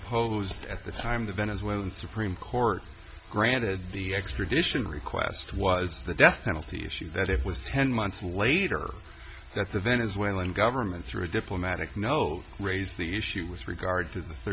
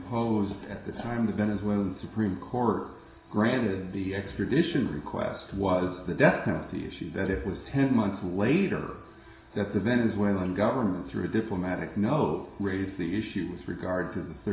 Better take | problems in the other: first | room echo; dies away in 0.7 s

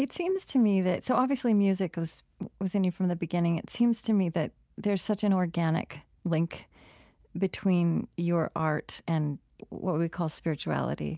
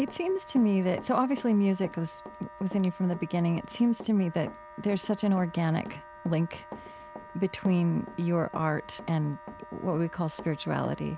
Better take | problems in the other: first | background sound (Wind instrument, woodwind instrument + Run); 16 dB below the speech

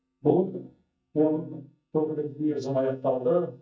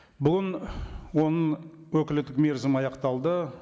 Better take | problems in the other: second | noise reduction (neural mask model DeepFilterNet 3)

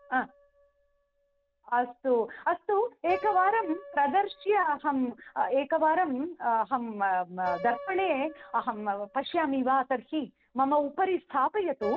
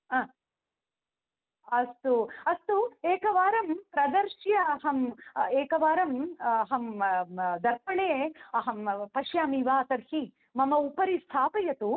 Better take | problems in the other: second | background sound (Piano); 17 dB below the speech

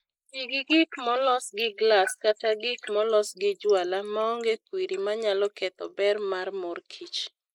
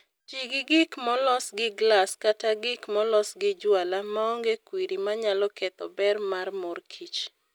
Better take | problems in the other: second | noise reduction (neural mask model Resemble Enhance denoiser)

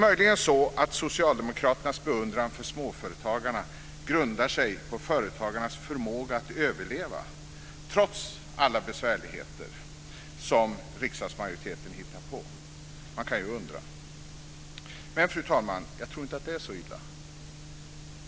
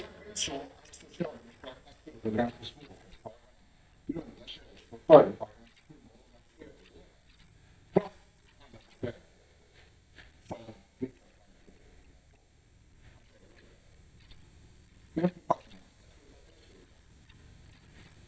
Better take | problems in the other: first | noise reduction (neural mask model DeepFilterNet 3)

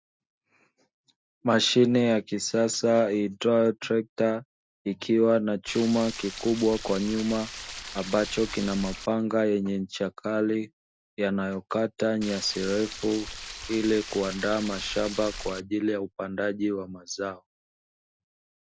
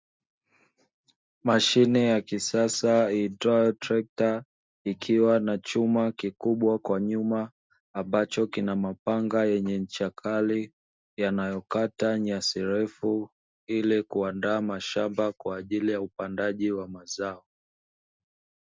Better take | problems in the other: second | background sound (Stream); 12 dB below the speech

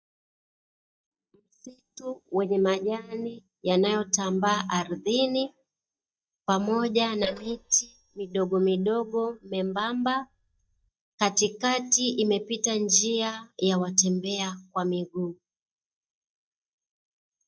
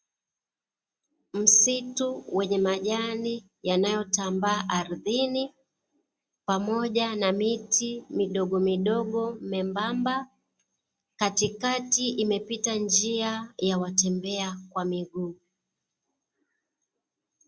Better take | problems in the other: second | noise reduction (neural mask model DeepFilterNet 3)

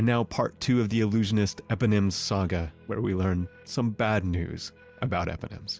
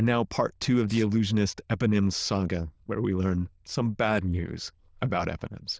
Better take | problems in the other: first | noise reduction (neural diffusion model UNIVERSE++)

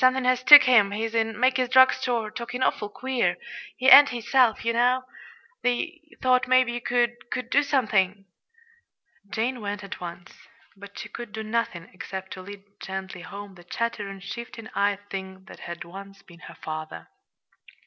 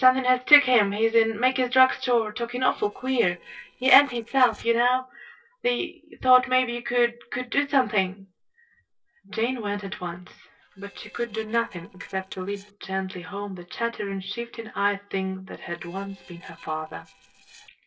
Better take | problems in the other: first | noise reduction (neural separator model SepFormer DNS4)

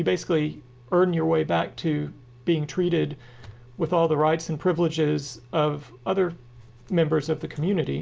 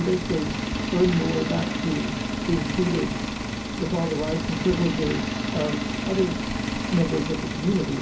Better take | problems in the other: first | background sound (Engine); 2 dB below the speech // room echo; dies away in 0.4 s

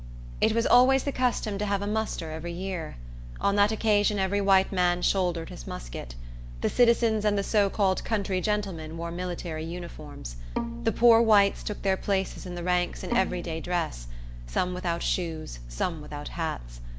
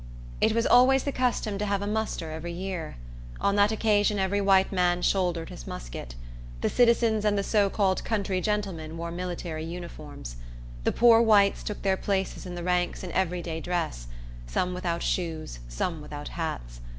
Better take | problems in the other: second | background sound (Bowed string instrument); 12 dB below the speech

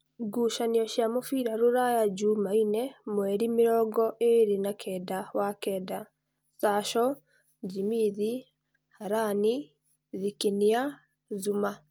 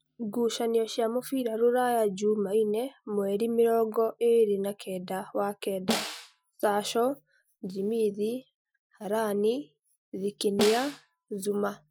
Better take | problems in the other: first | noise reduction (classical method Wiener filter)

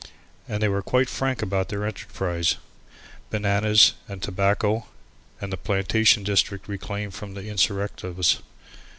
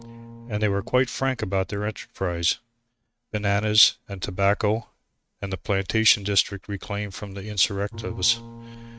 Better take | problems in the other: first | noise reduction (neural mask model RNNoise)

